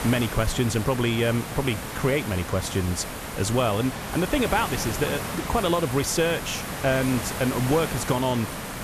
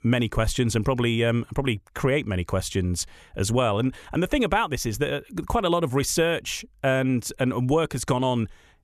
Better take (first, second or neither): second